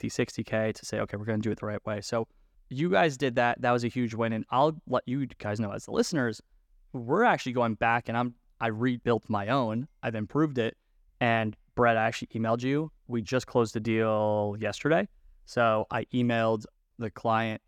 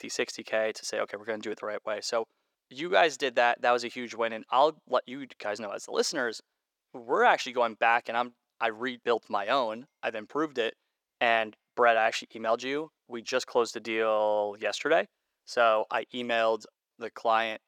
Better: first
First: none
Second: thin; somewhat; fading below 500 Hz

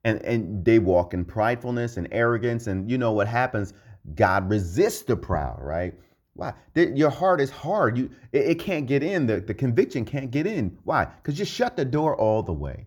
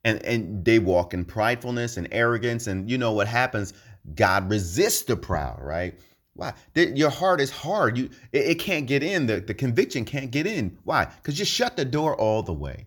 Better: second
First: muffled; slightly; fading above 2 kHz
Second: none

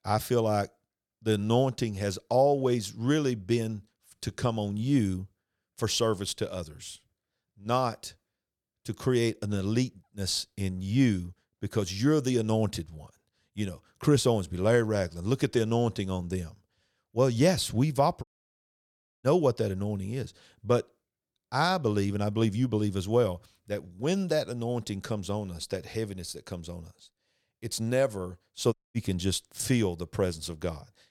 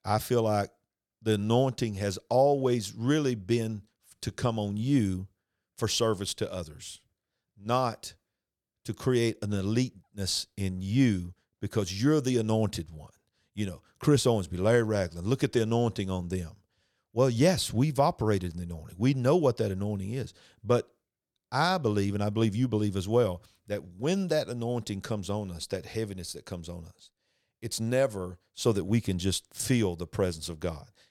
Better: second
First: audio cutting out; at 18 s for 1 s and at 29 s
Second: none

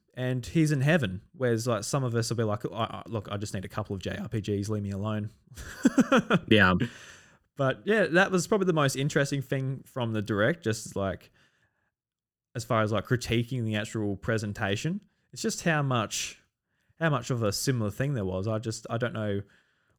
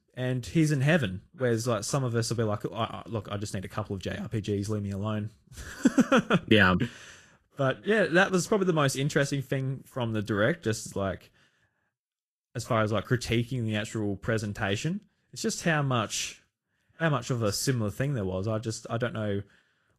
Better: first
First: none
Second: garbled, watery; slightly; nothing above 12.5 kHz

